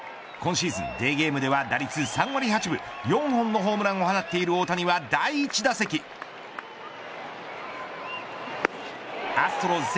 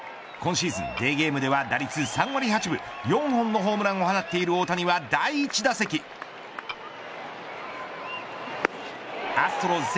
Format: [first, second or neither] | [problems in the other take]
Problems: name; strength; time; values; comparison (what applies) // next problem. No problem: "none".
first | background sound (Tap / Glass); 13 dB below the speech